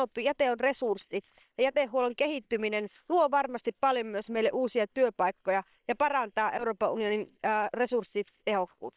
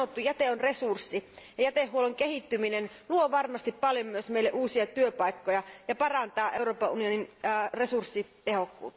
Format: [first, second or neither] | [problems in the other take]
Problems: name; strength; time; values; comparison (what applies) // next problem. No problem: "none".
second | noise reduction (neural separator model SepFormer WHAM!)